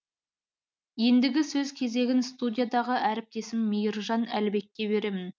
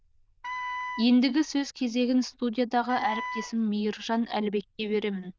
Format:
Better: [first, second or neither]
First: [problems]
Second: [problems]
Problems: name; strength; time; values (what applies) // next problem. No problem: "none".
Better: first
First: none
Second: noise reduction (neural diffusion model UNIVERSE++)